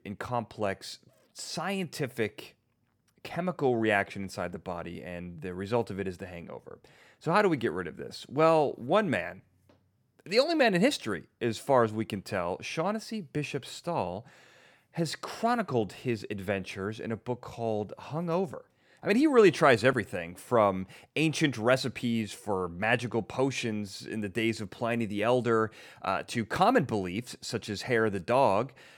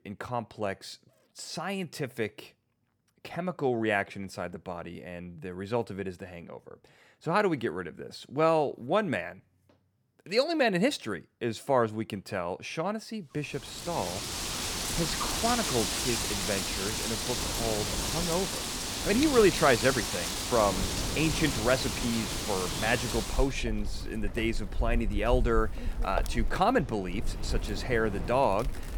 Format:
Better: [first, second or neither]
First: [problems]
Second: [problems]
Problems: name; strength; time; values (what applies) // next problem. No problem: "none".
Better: first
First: none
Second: wind in the background; loud; from 14 s on; 2 dB below the speech